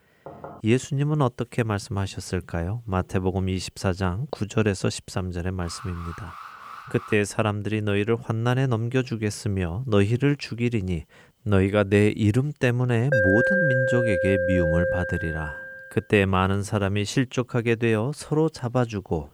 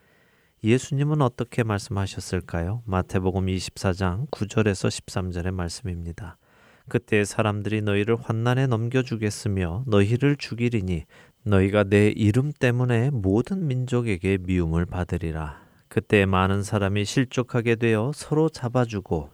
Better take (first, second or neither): second